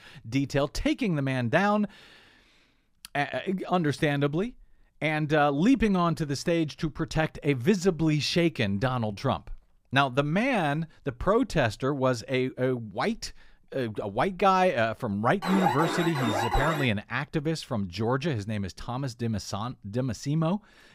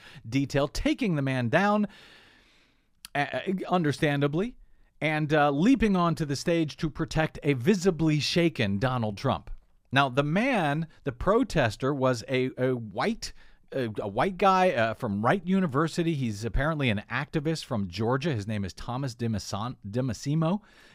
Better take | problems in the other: second | alarm; loud; from 15 to 17 s; peak level with the speech

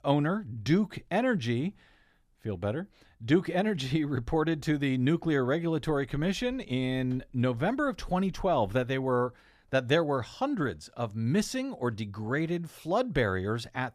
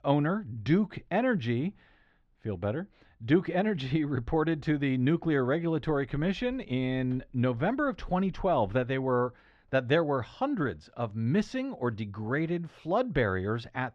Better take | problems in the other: first | muffled; slightly; fading above 3 kHz

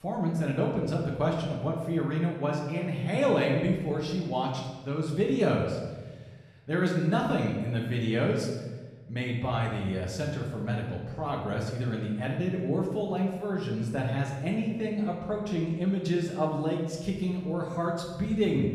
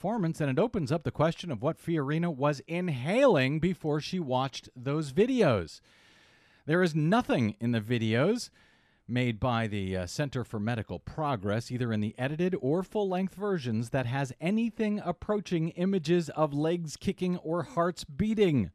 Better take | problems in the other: second | room echo; noticeable; dies away in 1.1 s // off-mic speech; far

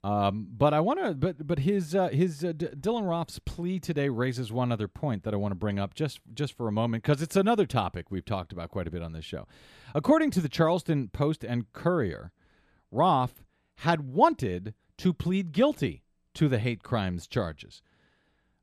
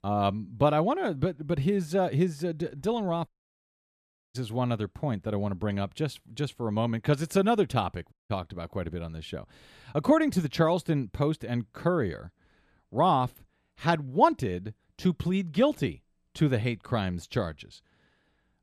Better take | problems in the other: first | audio cutting out; at 3.5 s for 1 s and at 8 s

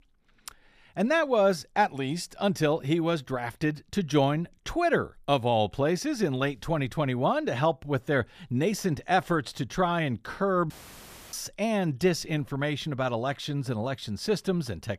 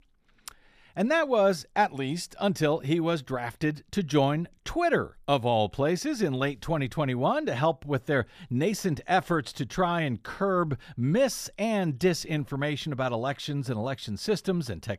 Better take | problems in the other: second | audio cutting out; filled with static; at 11 s for 0.5 s

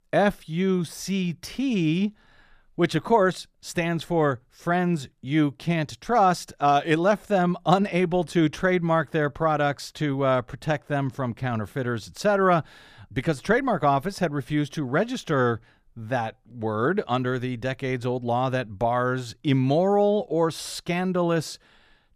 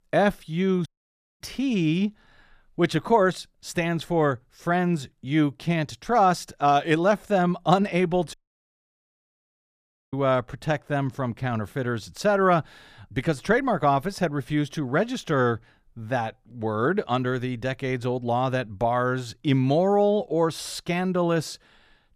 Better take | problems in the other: first | audio cutting out; at 1 s for 0.5 s and at 8.5 s for 2 s

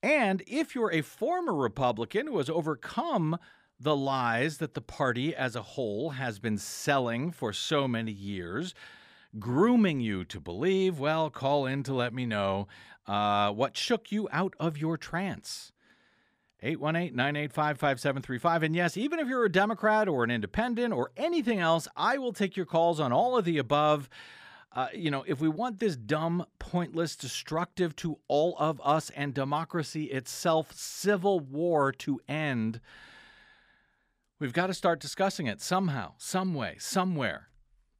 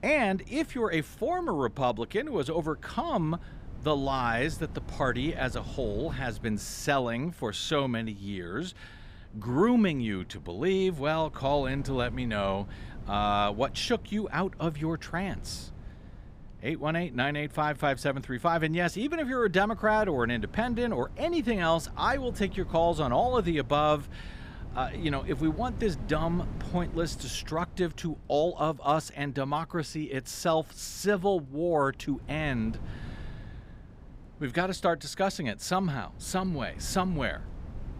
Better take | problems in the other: first | wind noise on the microphone; occasional gusts; 25 dB below the speech

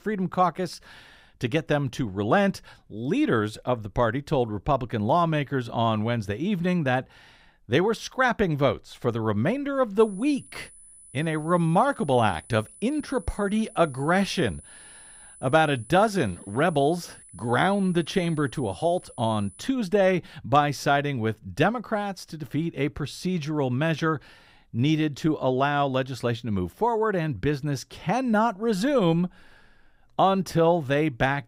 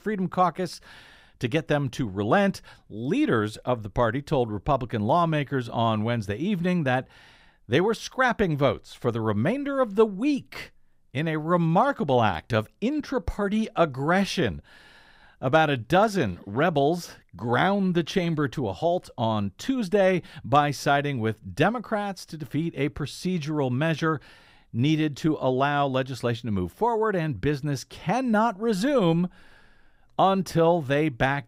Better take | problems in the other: second | high-pitched whine; faint; from 10 to 20 s; 10 kHz, 20 dB below the speech

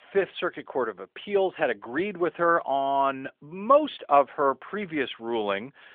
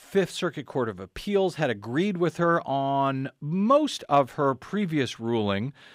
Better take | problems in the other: second | phone-call audio; nothing above 3.5 kHz

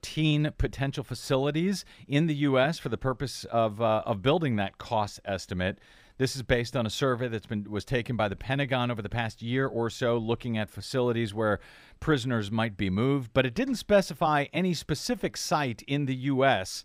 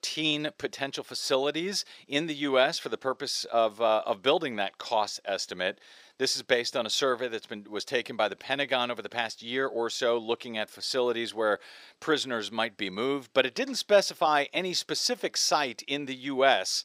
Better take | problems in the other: first | thin; somewhat; fading below 400 Hz

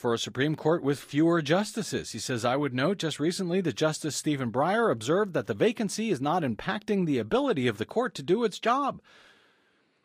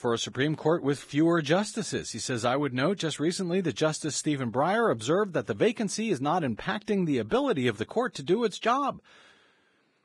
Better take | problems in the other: first | garbled, watery; badly; nothing above 10 kHz; slightly in the first

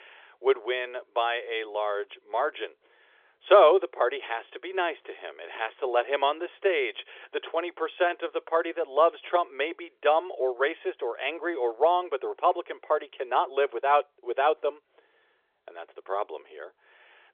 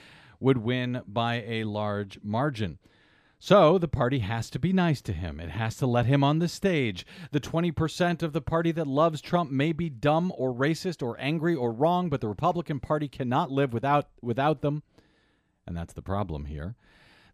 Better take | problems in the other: second | phone-call audio; nothing above 3.5 kHz

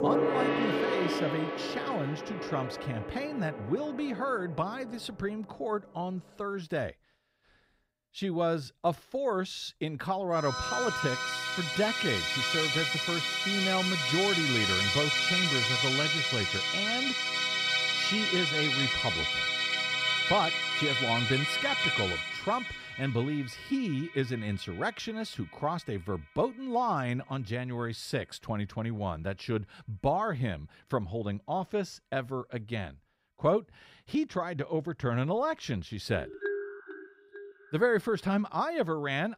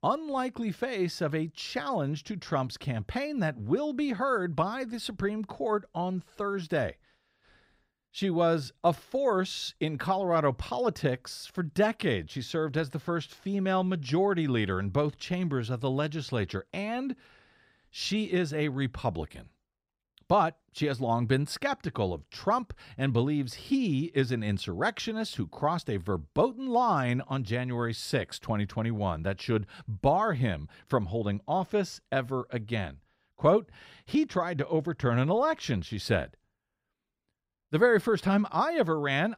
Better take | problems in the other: second | background music; very loud; throughout; 4 dB above the speech

